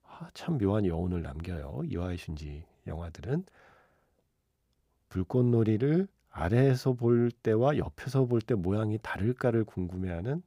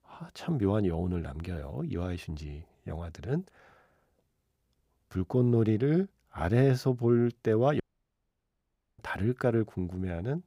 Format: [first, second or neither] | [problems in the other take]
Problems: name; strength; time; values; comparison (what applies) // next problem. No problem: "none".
first | audio cutting out; at 8 s for 1 s